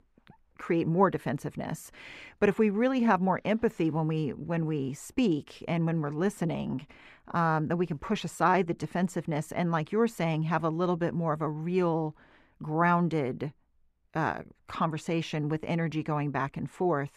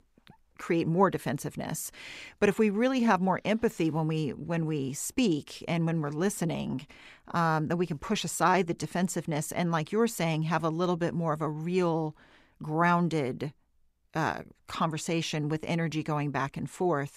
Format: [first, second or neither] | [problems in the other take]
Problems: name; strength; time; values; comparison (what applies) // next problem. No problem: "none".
second | muffled; slightly; fading above 3.5 kHz